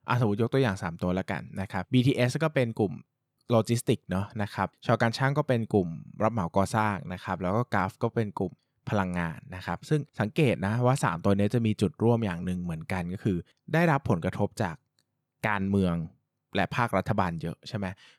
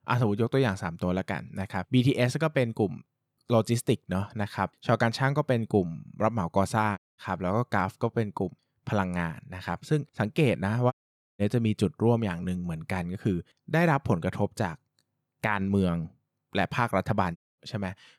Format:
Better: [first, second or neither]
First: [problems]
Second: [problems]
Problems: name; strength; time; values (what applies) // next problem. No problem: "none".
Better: first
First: none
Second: audio cutting out; at 7 s, at 11 s and at 17 s